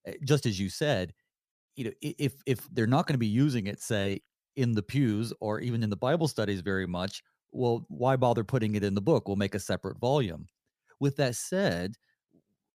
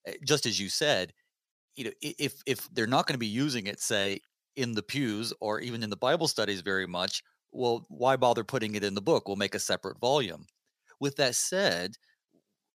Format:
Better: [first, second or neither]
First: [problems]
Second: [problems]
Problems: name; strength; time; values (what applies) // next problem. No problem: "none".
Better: first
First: none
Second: thin; somewhat; fading below 550 Hz